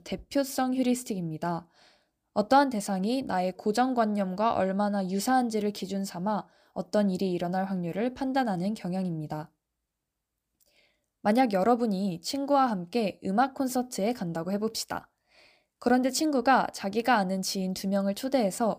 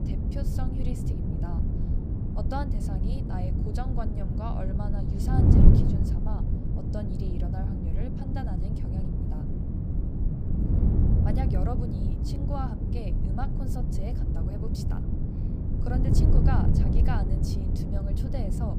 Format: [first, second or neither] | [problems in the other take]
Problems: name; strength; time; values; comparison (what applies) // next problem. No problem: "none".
first | wind noise on the microphone; heavy; 2 dB above the speech